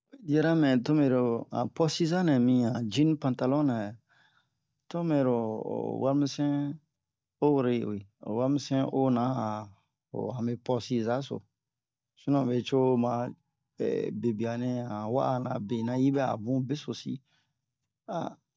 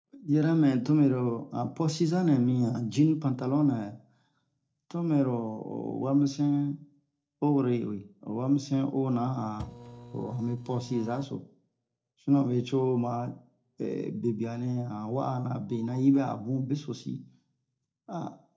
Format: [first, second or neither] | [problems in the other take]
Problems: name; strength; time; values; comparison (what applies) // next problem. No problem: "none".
first | noise reduction (neural separator model SepFormer DNS4)